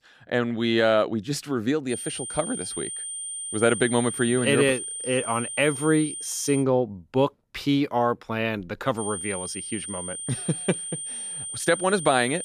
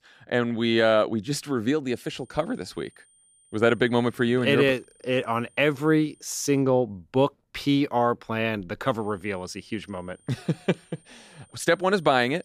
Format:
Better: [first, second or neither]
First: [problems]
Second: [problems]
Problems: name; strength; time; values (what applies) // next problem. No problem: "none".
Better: second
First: high-pitched whine; loud; from 2 to 6.5 s and from 9 s on; 9 kHz, 6 dB below the speech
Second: high-pitched whine; faint; from 2 to 6.5 s and from 9 s on; 9 kHz, 35 dB below the speech